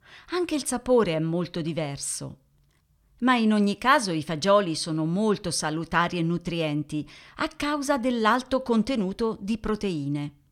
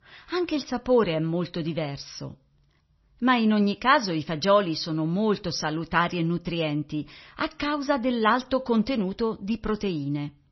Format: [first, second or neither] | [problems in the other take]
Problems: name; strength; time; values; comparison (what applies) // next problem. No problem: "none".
first | garbled, watery; slightly; nothing above 6 kHz